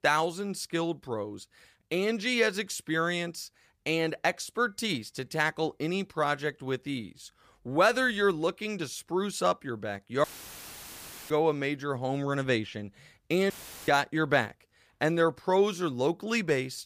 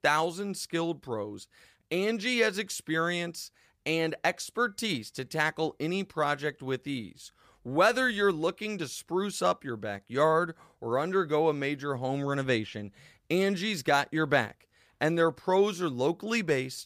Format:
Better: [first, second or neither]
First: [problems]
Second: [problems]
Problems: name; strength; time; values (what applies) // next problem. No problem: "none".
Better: second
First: audio cutting out; filled with static; at 10 s for 1 s and at 14 s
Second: none